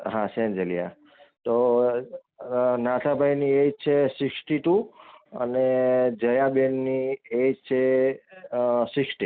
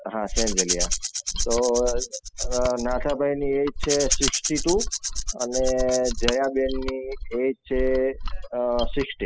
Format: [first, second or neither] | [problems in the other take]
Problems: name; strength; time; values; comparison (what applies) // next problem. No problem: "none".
first | noise reduction (classical method spectral subtraction)